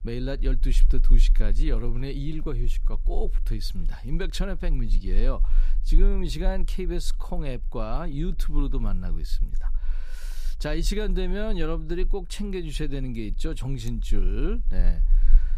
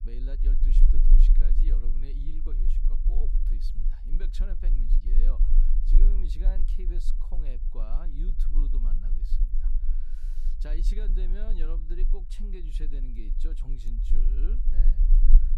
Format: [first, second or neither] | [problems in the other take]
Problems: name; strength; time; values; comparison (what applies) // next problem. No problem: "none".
first | low rumble; loud; throughout; 4 dB below the speech; faint in the first